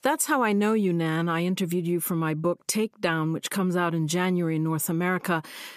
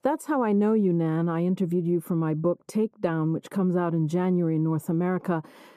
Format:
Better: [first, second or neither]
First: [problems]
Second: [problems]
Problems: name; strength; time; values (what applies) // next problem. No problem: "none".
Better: first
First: none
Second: muffled; slightly; fading above 1.5 kHz